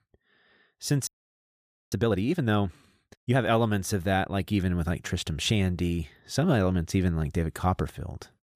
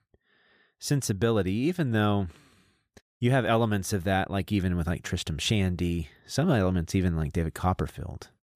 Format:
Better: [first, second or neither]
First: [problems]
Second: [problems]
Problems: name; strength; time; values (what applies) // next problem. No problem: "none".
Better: second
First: audio freezing; at 1 s for 1 s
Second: none